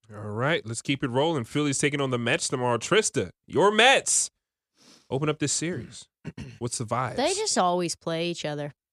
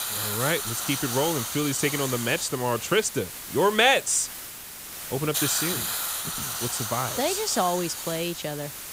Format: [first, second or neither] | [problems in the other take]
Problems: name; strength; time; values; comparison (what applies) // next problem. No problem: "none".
first | hiss; loud; throughout; 4 dB below the speech